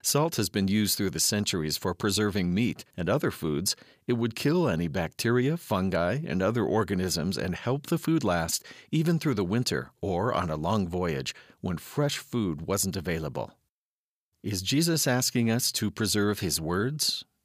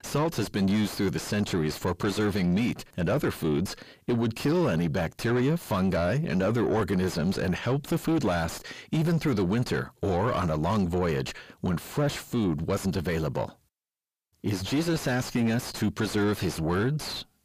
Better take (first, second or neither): first